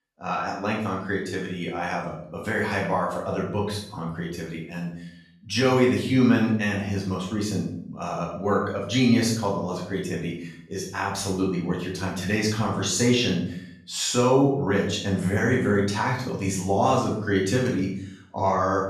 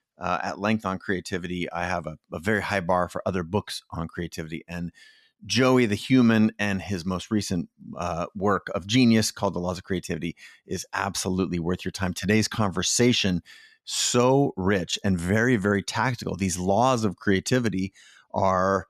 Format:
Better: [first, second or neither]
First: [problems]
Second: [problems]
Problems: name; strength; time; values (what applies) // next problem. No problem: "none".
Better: second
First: off-mic speech; far // room echo; noticeable; dies away in 0.6 s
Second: none